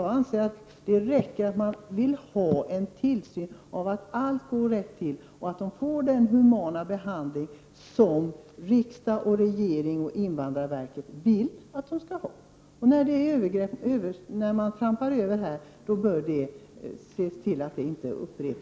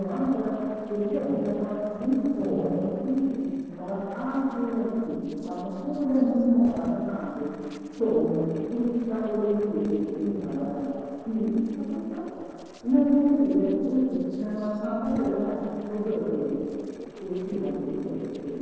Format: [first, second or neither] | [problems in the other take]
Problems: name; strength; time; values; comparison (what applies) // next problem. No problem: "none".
first | noise reduction (neural separator model SepFormer DNS4)